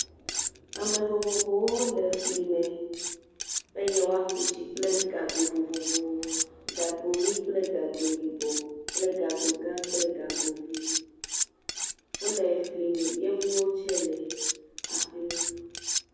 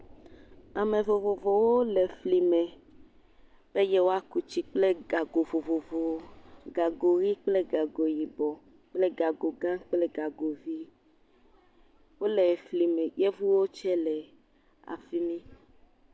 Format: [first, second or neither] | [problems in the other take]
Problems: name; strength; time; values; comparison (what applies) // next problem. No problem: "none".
second | background sound (Cutlery, silverware); 3 dB below the speech // room echo; dies away in 1.1 s